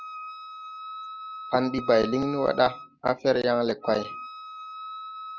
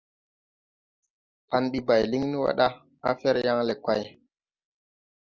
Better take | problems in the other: second | background sound (Wind instrument, woodwind instrument); 12 dB below the speech

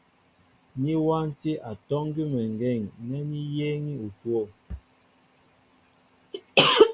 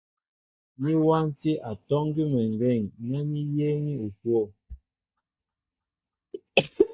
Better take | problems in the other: first | noise reduction (neural mask model DeepFilterNet 3)

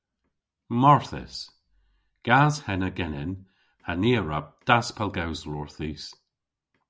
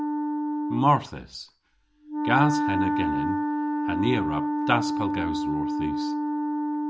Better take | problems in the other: first | background sound (Wind instrument, woodwind instrument); 2 dB above the speech

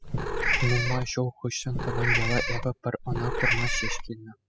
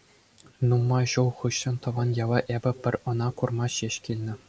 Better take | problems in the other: second | noise reduction (classical method spectral subtraction)

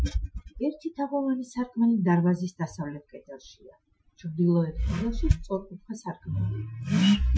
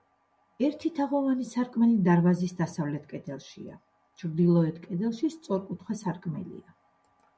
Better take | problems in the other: second | noise reduction (classical method Wiener filter)

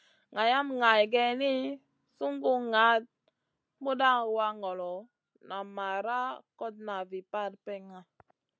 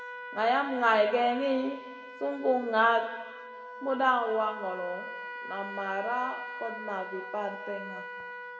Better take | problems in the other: first | background sound (Trumpet); 11 dB below the speech // room echo; dies away in 1.5 s

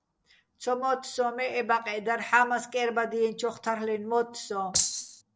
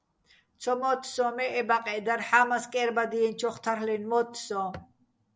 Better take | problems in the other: second | noise reduction (neural separator model SepFormer DNS4)

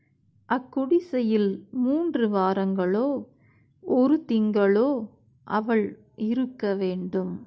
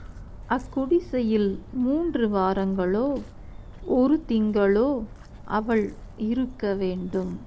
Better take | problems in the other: first | background sound (Walk, footsteps); 16 dB below the speech

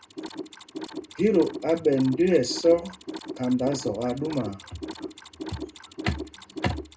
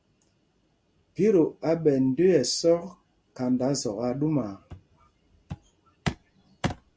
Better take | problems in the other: second | background sound (Mechanisms); 12 dB below the speech // room echo; dies away in 0.2 s

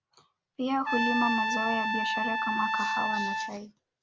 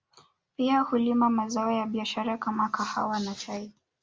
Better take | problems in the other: second | background sound (Trumpet); 2 dB above the speech

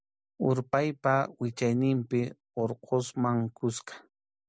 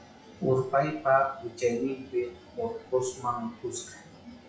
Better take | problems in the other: first | noise reduction (classical method WPE with log-MMSE)

